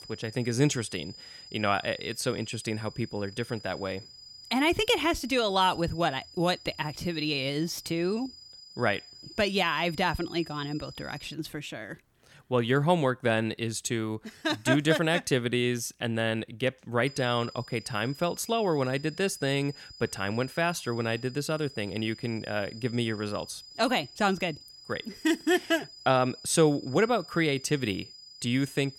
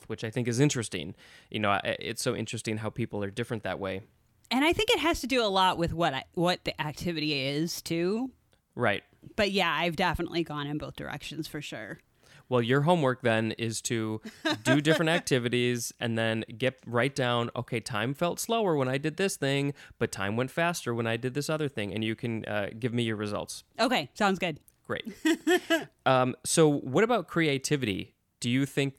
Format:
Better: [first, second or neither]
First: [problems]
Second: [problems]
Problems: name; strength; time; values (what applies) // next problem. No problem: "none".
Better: second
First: high-pitched whine; noticeable; until 11 s and from 17 s on; 5 kHz, 15 dB below the speech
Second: none